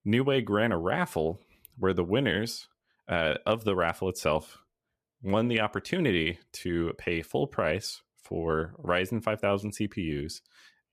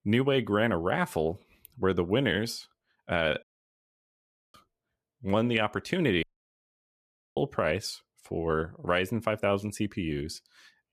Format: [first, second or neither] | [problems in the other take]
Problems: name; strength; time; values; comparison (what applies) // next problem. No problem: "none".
first | audio cutting out; at 3.5 s for 1 s and at 6 s for 1 s